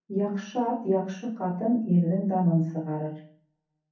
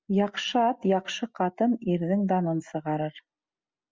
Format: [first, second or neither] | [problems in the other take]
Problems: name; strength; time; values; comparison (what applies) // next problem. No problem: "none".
second | room echo; dies away in 0.6 s